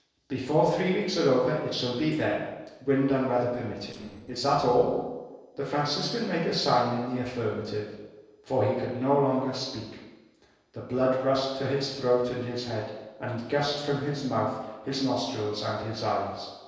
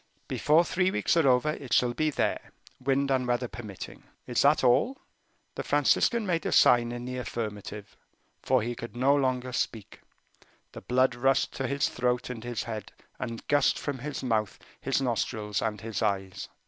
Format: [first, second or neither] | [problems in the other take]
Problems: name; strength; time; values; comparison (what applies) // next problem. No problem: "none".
second | noise reduction (neural separator model SepFormer DNS4)